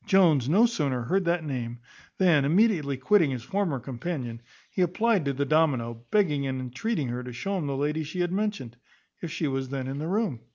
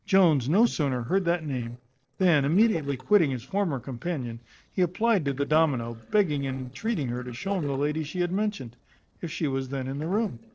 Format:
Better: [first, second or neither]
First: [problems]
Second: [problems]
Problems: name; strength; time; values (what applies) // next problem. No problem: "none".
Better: first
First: none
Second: noise reduction (neural separator model SepFormer DNS4)